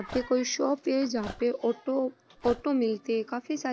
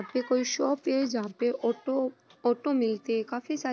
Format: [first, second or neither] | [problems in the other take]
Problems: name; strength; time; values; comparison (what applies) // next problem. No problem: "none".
second | background sound (Dog); 18 dB below the speech